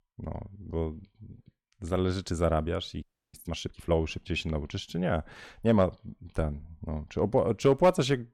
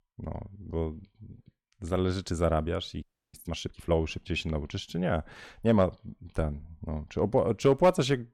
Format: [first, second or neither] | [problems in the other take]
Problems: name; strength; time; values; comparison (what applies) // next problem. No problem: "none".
neither | audio freezing; at 3 s; the same in both